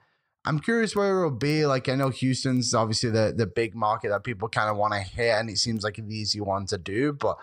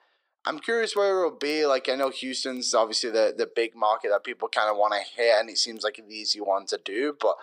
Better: first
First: none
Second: thin; very; fading below 300 Hz

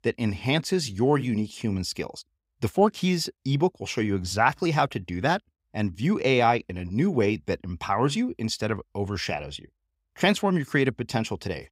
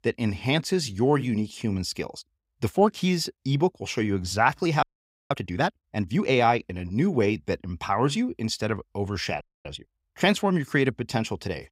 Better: first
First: none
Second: audio freezing; at 5 s and at 9.5 s

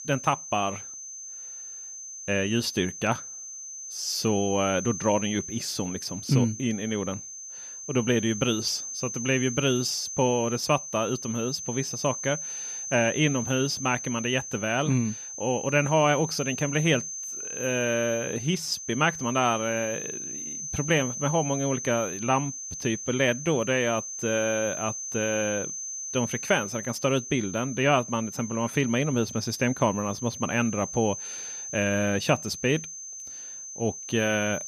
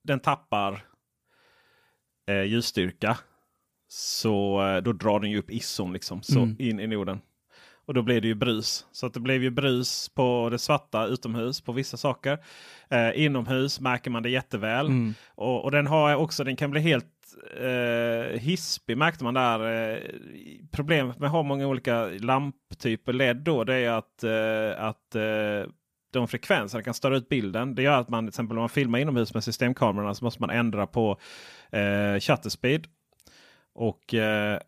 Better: second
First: high-pitched whine; loud; throughout; 6 kHz, 7 dB below the speech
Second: none

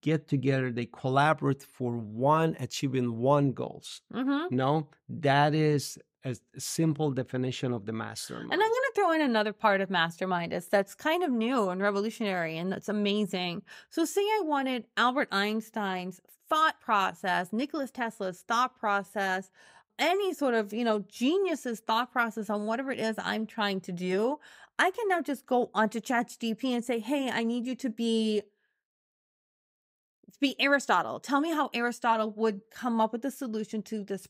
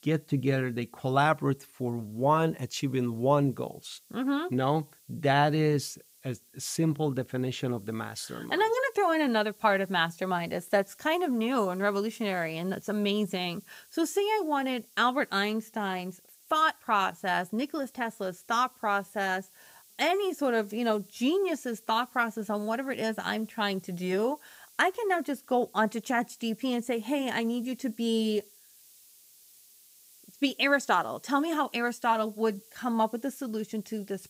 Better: first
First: none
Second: hiss; faint; throughout; 25 dB below the speech

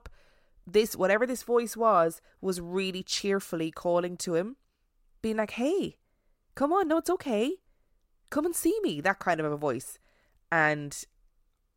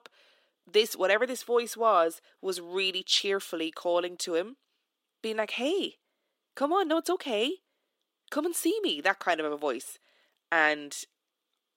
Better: first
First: none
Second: thin; very slightly; fading below 250 Hz

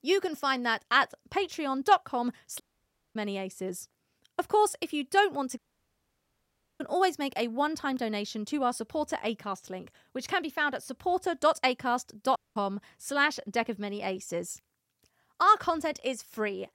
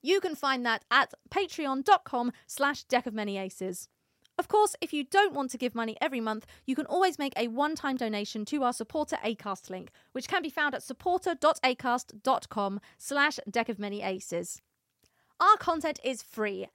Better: second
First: audio cutting out; at 2.5 s for 0.5 s, at 5.5 s for 1 s and at 12 s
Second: none

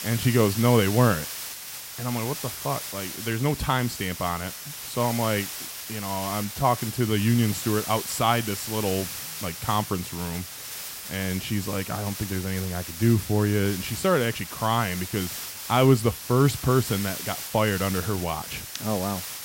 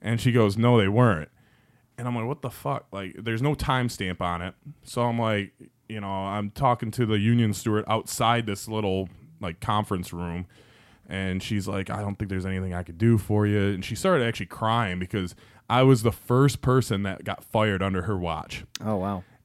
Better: second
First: hiss; loud; throughout; 8 dB below the speech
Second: none

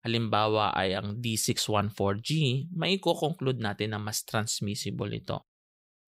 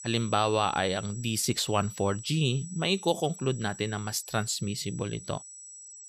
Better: first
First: none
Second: high-pitched whine; noticeable; throughout; 8 kHz, 15 dB below the speech

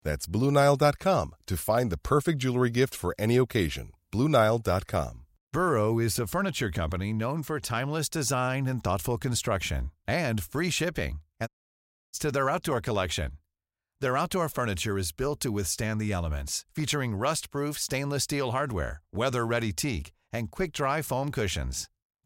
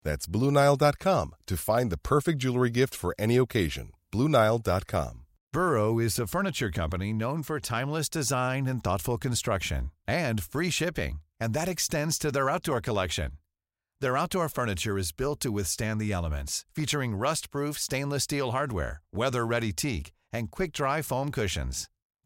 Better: second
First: audio cutting out; at 11 s for 0.5 s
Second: none

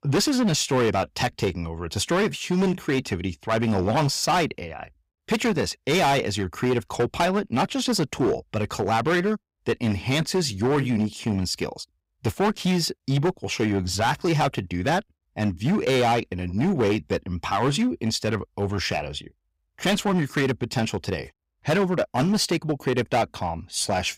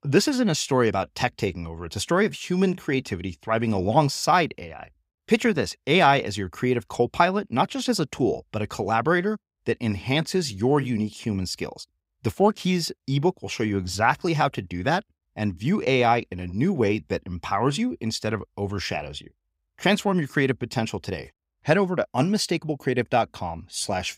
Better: second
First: distortion; heavy; 11% of the sound clipped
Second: none

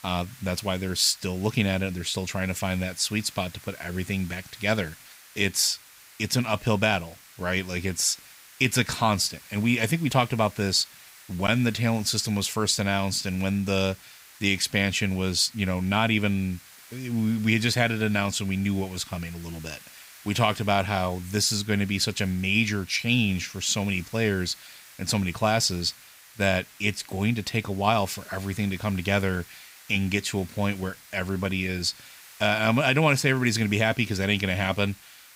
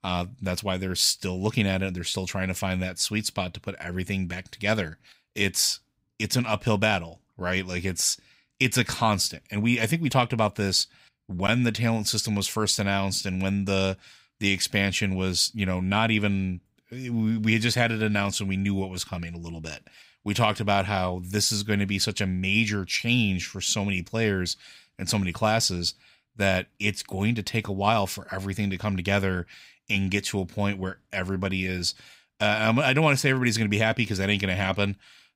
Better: second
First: hiss; faint; throughout; 20 dB below the speech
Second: none

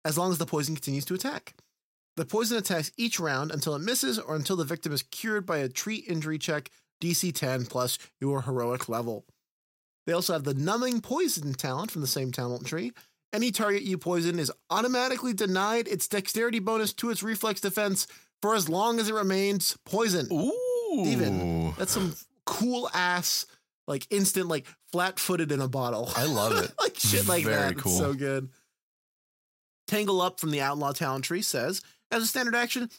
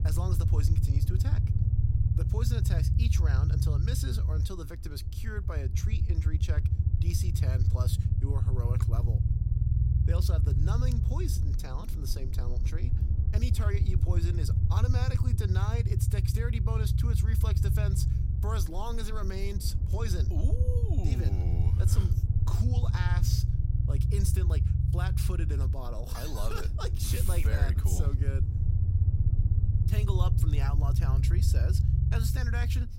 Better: first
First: none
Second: low rumble; loud; throughout; 2 dB below the speech

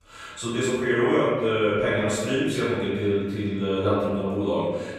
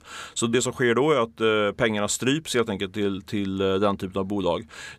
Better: second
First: off-mic speech; far // room echo; strong; dies away in 1.5 s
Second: none

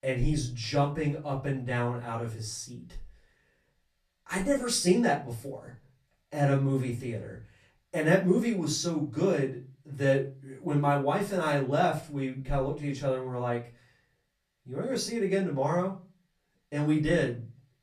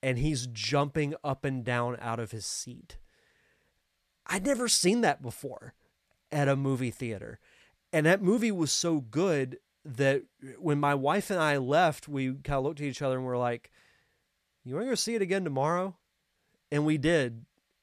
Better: second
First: off-mic speech; far // room echo; slight; dies away in 0.3 s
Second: none

